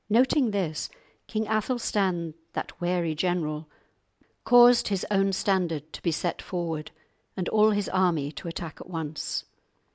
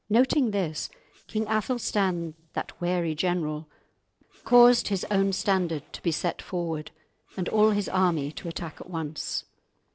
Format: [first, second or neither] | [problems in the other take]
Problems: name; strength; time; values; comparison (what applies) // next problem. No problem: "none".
first | noise reduction (neural separator model SepFormer DNS4)